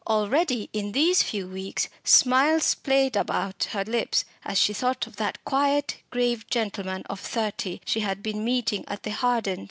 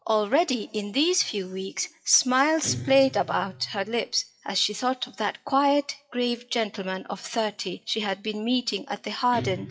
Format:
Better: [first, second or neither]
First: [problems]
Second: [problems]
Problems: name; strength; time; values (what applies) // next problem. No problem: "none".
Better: first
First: none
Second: noise reduction (classical method WPE with log-MMSE)